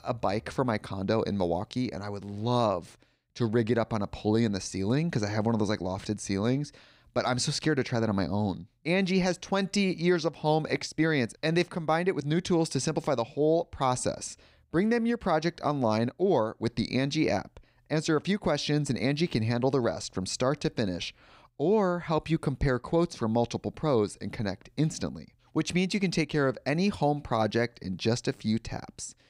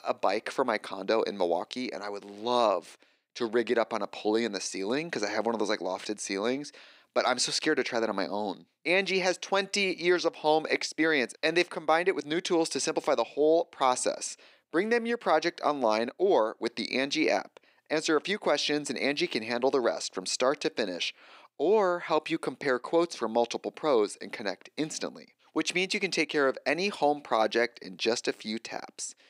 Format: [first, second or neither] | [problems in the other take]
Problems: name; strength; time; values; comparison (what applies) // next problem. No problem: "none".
first | thin; somewhat; fading below 300 Hz